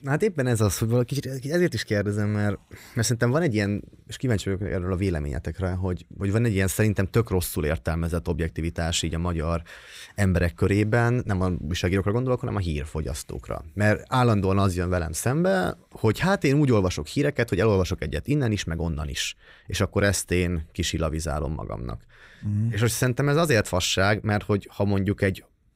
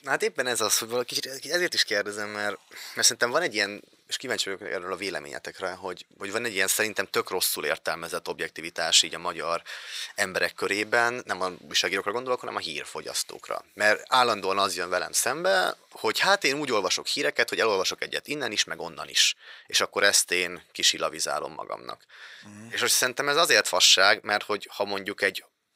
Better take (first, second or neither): first